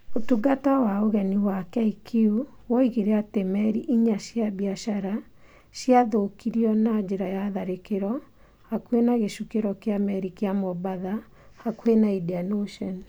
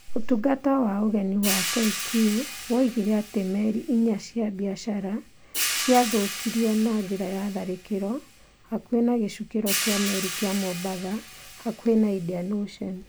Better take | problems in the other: first | background sound (Hi-hat); 9 dB below the speech

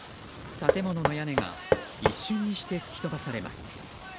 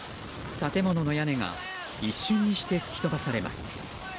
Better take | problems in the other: second | background sound (Knock); 4 dB above the speech

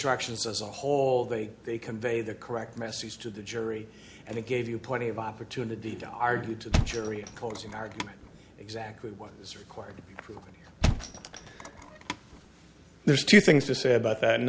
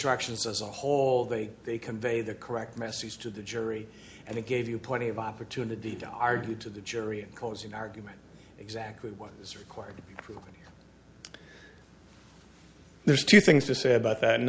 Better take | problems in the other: second | background sound (Thump, thud); 3 dB below the speech

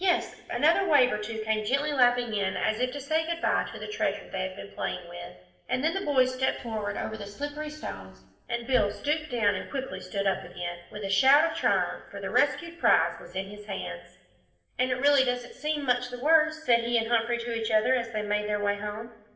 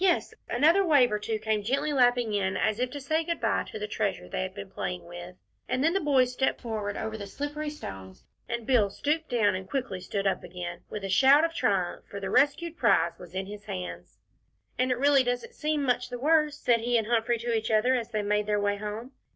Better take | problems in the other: second | room echo; dies away in 1.5 s

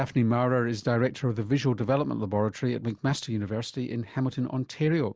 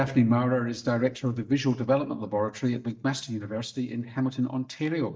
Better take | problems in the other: first | noise reduction (neural mask model DeepFilterNet 3)

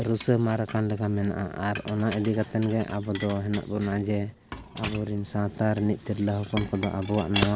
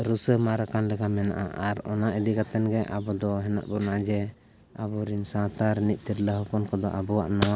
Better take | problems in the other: second | background sound (Chink, clink); 14 dB below the speech

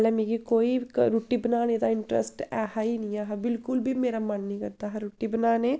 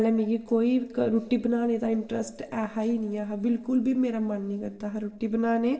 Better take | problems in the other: first | room echo; dies away in 2.3 s

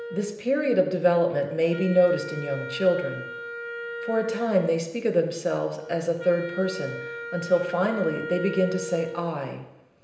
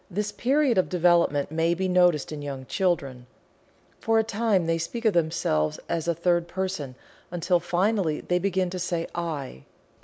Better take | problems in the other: second | background sound (Wind instrument, woodwind instrument); 12 dB below the speech // room echo; dies away in 0.9 s

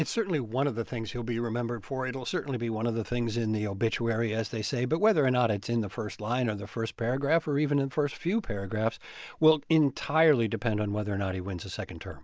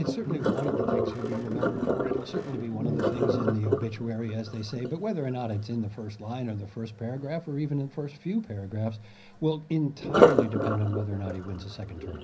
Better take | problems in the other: first | background sound (Sink (filling or washing)); 1 dB above the speech // room echo; dies away in 0.5 s

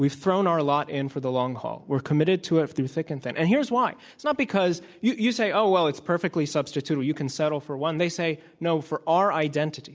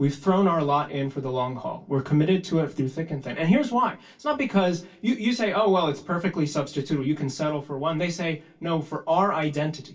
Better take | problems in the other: first | room echo; dies away in 0.1 s

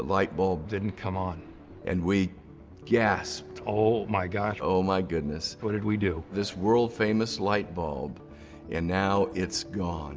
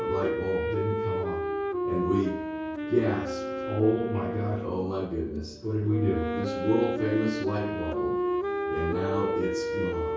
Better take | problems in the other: first | background sound (Wind instrument, woodwind instrument); 1 dB below the speech // room echo; dies away in 0.6 s

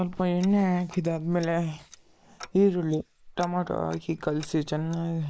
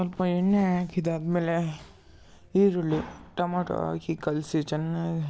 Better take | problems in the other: second | noise reduction (neural mask model Resemble Enhance denoiser)

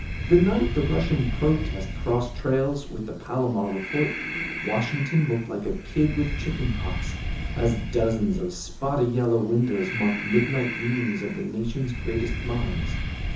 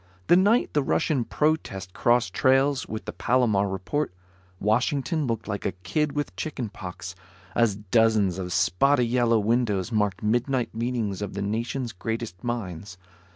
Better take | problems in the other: second | background sound (Breathing); 5 dB below the speech // room echo; dies away in 0.6 s

